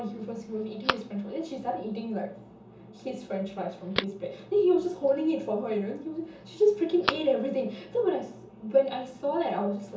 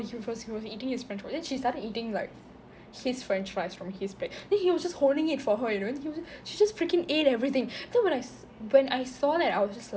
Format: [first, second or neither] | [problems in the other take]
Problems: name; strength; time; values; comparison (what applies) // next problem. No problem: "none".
second | background sound (Telephone); 12 dB below the speech // room echo; dies away in 0.6 s